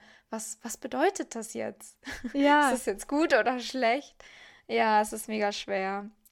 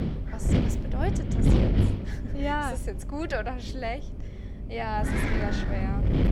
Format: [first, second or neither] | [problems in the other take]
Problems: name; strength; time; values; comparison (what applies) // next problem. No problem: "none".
first | wind noise on the microphone; heavy; 1 dB below the speech